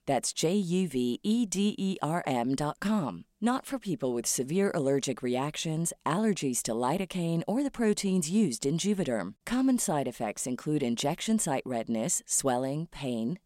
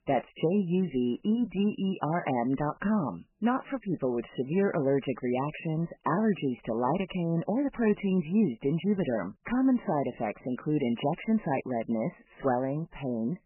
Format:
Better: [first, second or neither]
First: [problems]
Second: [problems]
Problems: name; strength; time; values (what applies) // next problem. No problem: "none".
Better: first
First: none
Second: garbled, watery; badly; nothing above 3 kHz